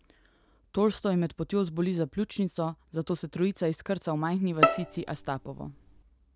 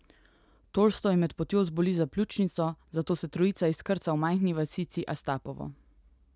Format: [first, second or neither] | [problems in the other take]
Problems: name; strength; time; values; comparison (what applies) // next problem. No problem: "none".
second | background sound (Bowed string instrument); 1 dB above the speech